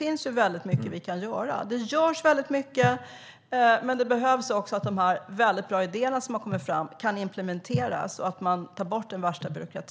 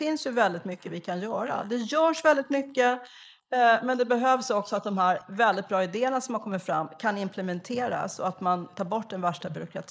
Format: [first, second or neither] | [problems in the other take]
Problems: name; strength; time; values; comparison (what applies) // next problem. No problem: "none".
first | noise reduction (neural mask model Resemble Enhance denoiser)